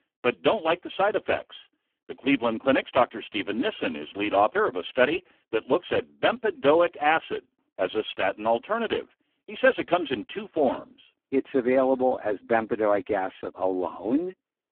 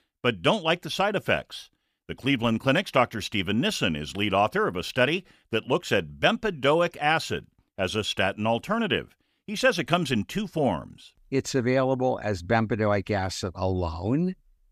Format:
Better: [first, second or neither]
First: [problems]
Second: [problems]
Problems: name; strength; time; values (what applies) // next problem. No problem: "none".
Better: second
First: phone-call audio; poor line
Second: none